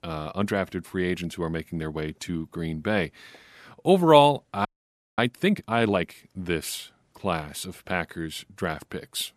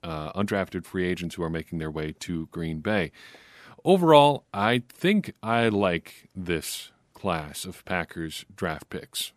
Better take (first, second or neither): second